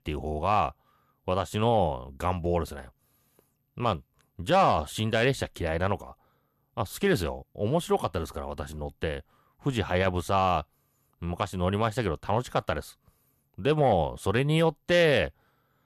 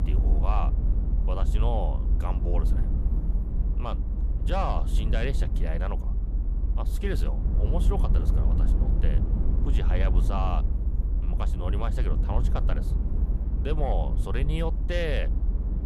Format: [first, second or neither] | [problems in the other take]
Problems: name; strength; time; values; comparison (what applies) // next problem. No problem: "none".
first | low rumble; loud; throughout; 8 dB below the speech